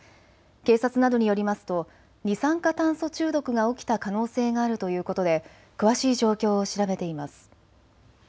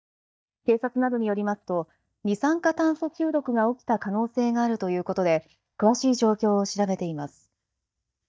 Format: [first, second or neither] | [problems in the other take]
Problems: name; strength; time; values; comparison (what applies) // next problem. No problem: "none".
first | noise reduction (neural mask model DeepFilterNet 3)